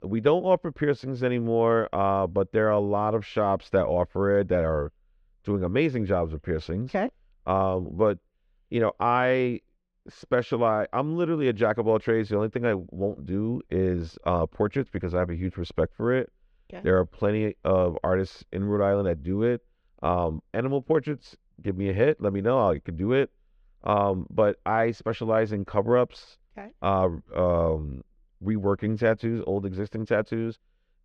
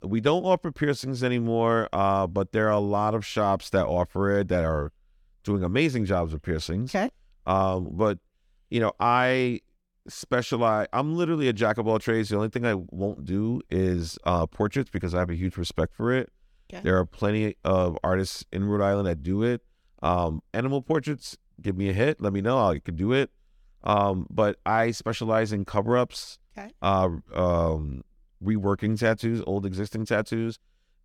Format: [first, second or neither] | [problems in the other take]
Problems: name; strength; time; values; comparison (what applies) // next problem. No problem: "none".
second | muffled; slightly; fading above 3 kHz